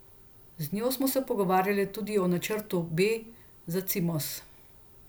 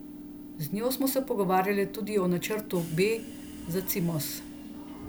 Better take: first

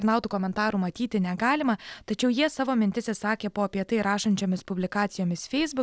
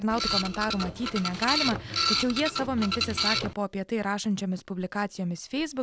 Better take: first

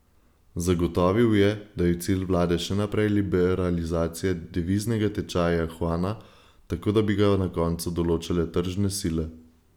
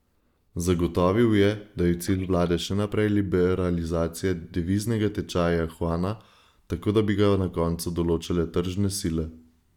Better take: first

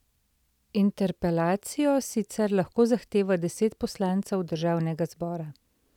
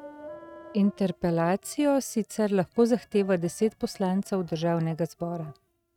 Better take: first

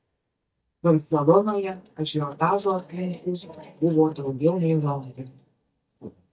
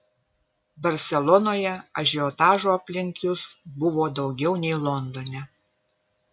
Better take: second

